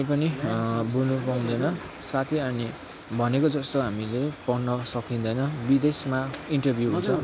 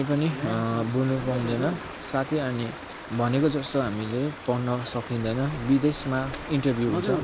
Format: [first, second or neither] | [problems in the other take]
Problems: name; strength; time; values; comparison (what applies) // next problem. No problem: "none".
first | background sound (Stream); 15 dB below the speech